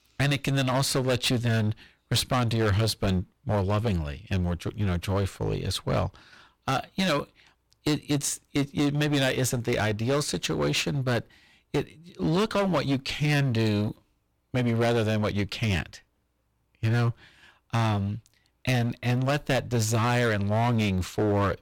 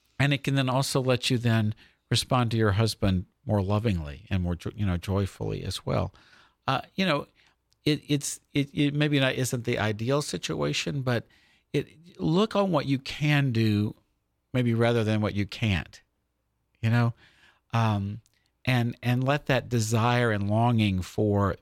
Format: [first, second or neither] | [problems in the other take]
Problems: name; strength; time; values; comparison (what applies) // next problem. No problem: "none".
second | distortion; heavy; 14% of the sound clipped